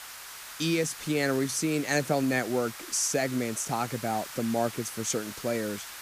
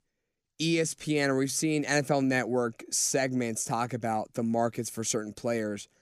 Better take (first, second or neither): second